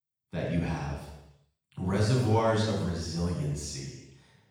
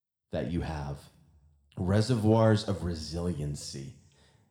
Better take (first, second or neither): second